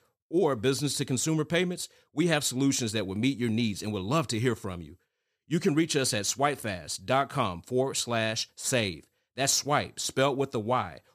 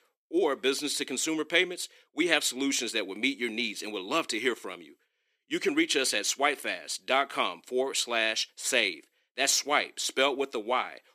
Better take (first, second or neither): first